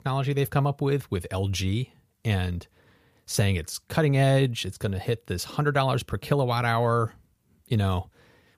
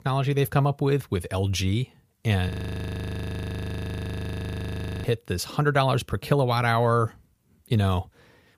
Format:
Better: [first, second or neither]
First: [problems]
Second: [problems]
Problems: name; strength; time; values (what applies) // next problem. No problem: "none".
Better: first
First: none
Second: audio freezing; at 2.5 s for 2.5 s